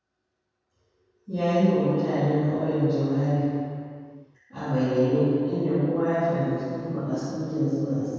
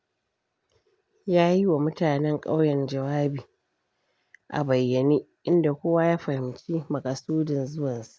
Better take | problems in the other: second | room echo; dies away in 2.1 s

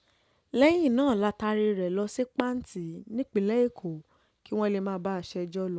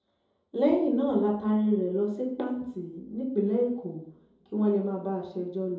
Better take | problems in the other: first | room echo; dies away in 2.6 s

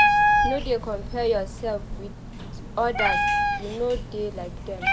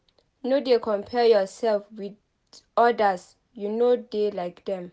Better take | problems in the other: second | background sound (Meow); 4 dB above the speech

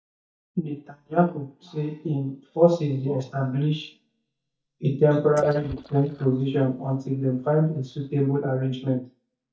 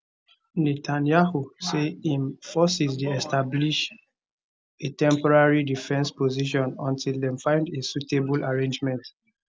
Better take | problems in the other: second | noise reduction (neural mask model DeepFilterNet 3)

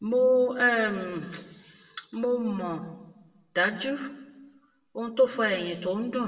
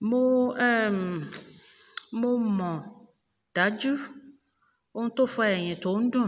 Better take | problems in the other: second | room echo; dies away in 0.9 s

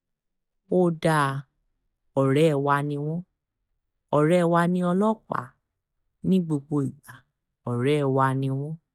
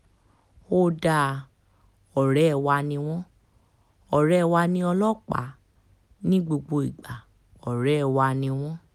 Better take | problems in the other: second | noise reduction (neural mask model DeepFilterNet 3)

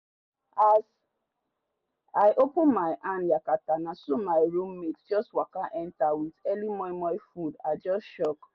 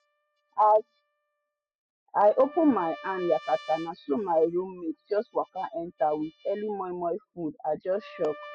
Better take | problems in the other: first | noise reduction (classical method spectral subtraction)

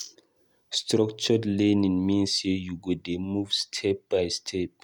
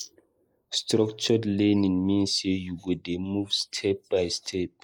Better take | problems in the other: first | noise reduction (neural mask model Resemble Enhance denoiser)

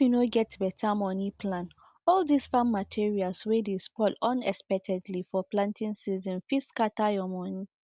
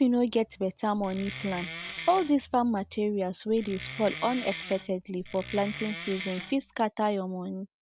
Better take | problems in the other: first | background sound (Wood); 11 dB below the speech

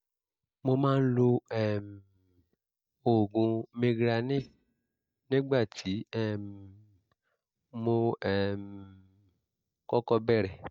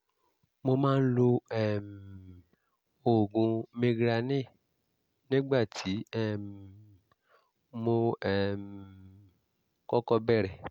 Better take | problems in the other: second | noise reduction (neural mask model DeepFilterNet 3)

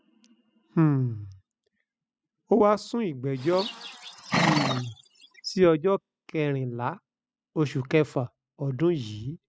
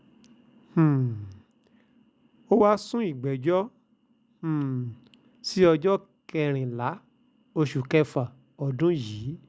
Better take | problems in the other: second | noise reduction (classical method spectral subtraction)

